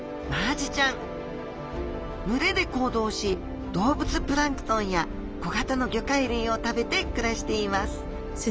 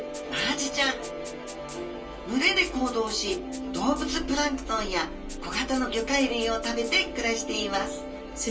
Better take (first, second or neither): first